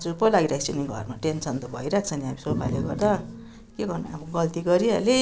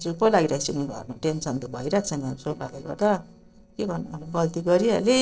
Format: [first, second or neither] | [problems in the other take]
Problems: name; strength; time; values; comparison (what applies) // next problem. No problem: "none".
first | noise reduction (neural separator model SepFormer DNS4)